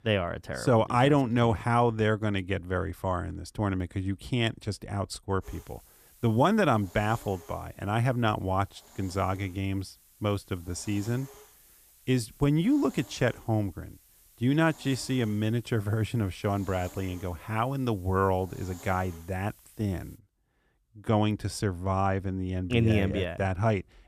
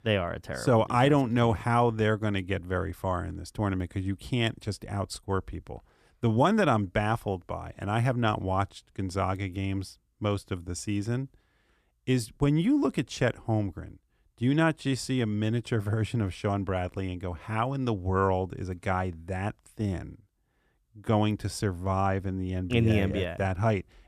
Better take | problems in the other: second | hiss; faint; from 5.5 to 20 s; 25 dB below the speech

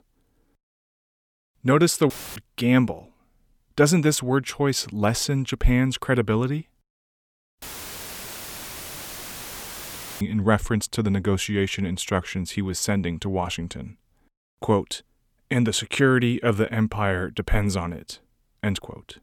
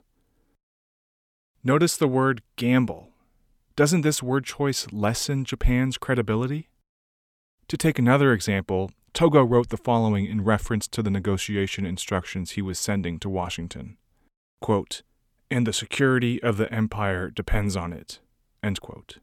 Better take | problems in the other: second | audio cutting out; filled with static; at 2 s and at 7.5 s for 2.5 s

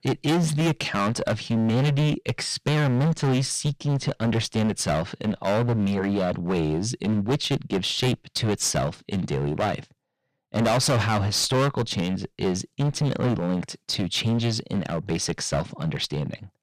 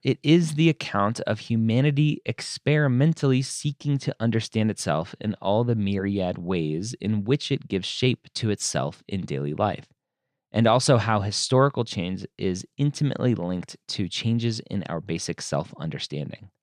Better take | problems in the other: second | distortion; heavy; 17% of the sound clipped

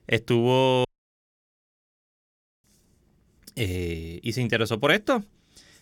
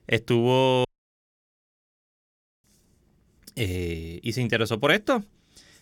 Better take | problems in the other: neither | audio cutting out; at 1 s for 2 s; the same in both

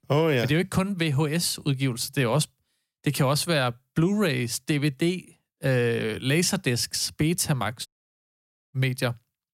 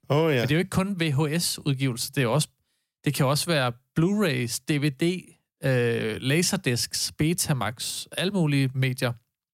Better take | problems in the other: second | audio cutting out; at 8 s for 1 s

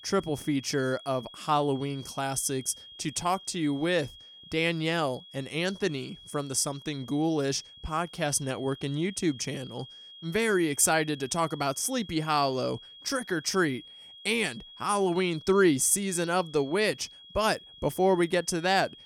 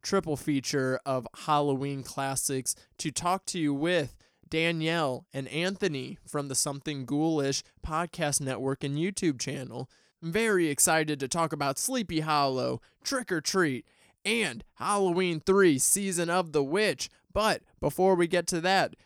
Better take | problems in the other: second | high-pitched whine; noticeable; throughout; 3.5 kHz, 20 dB below the speech

